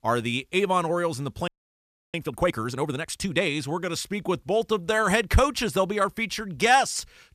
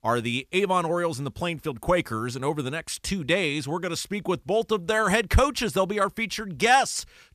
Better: second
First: audio freezing; at 1.5 s for 0.5 s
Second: none

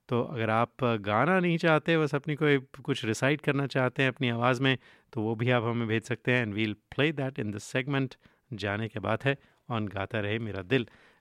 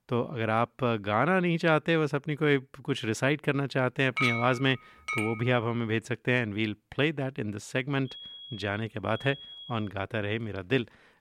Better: first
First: none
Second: clattering dishes; loud; from 4 to 5.5 s; peak 1 dB above the speech // alarm; faint; from 8 to 10 s; peak 15 dB below the speech

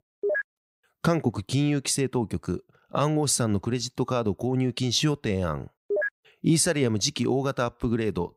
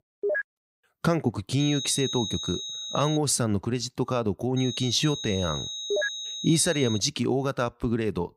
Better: first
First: none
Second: high-pitched whine; loud; from 1.5 to 3 s and from 4.5 to 7 s; 4 kHz, 6 dB below the speech

